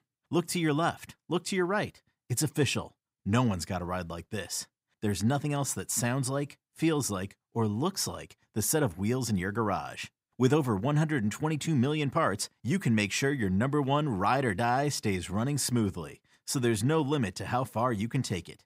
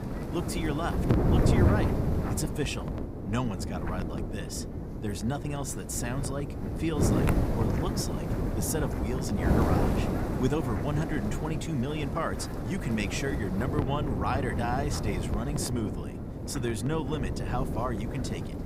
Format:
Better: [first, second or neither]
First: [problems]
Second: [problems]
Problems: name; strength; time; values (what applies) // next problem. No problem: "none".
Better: first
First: none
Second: wind noise on the microphone; heavy; 1 dB below the speech